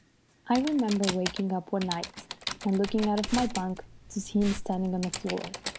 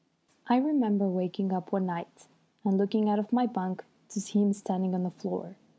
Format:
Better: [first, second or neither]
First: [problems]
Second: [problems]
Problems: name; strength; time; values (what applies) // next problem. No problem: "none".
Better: second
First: background sound (Liquid + Typing); 9 dB below the speech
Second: none